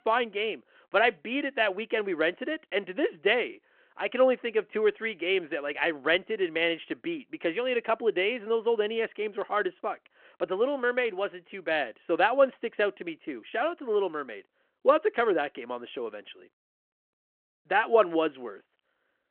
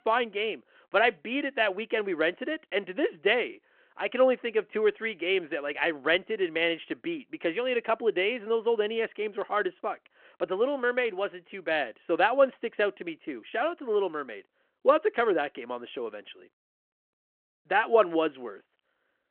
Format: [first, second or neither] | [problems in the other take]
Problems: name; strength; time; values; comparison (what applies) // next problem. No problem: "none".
neither | phone-call audio; the same in both